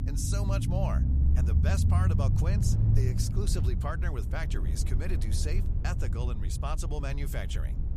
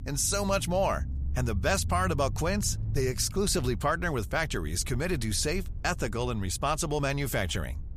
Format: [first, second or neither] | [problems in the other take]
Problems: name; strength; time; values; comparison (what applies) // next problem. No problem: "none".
second | low rumble; loud; throughout; 4 dB below the speech; faint in the second